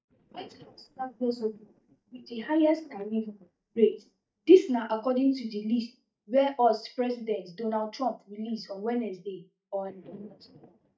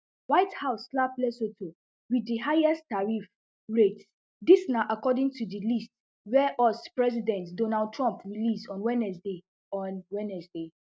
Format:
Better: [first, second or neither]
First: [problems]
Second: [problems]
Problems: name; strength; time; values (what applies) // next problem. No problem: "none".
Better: second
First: noise reduction (neural mask model DeepFilterNet 3)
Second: none